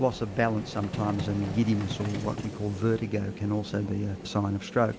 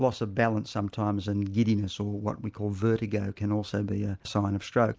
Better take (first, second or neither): second